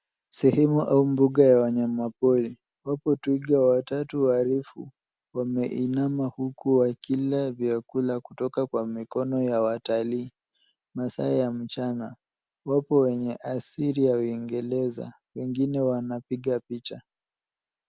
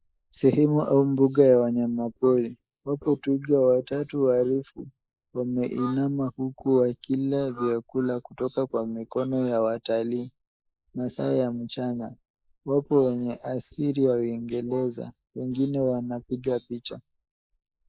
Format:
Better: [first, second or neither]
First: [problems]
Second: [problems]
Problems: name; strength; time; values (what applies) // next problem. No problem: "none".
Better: first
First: none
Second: noise reduction (neural mask model Resemble Enhance denoiser)